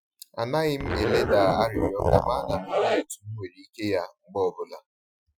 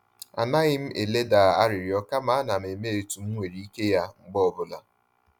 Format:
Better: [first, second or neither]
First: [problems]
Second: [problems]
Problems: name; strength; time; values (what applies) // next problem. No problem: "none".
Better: second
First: noise reduction (classical method Wiener filter)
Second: none